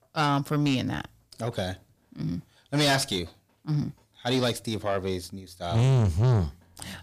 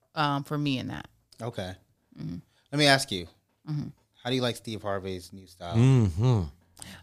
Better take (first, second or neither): second